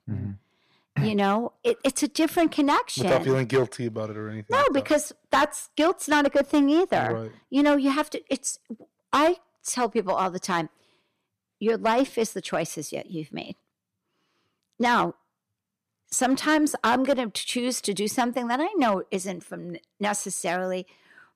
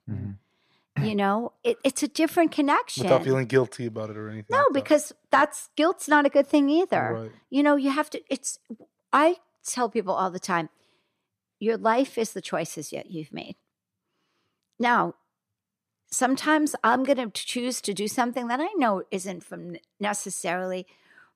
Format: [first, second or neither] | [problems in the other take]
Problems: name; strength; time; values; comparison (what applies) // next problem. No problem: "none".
second | distortion; slight; 4% of the sound clipped